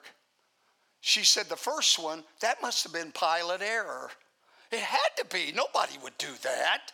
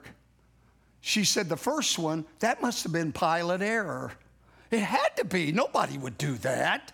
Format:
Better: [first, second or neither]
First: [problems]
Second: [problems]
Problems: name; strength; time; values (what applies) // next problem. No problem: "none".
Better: second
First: thin; very; fading below 600 Hz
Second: none